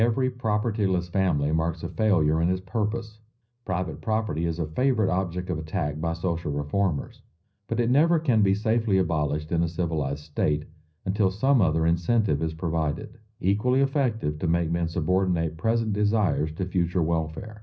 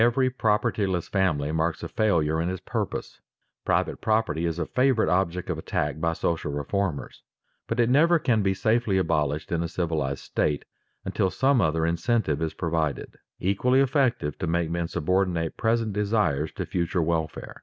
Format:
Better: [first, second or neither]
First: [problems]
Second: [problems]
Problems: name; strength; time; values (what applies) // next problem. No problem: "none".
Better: second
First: room echo; dies away in 0.4 s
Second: none